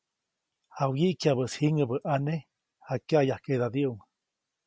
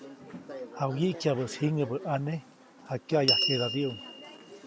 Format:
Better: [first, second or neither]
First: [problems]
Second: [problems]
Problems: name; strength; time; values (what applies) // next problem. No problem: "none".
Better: first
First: none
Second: background sound (Door / Bell); 4 dB below the speech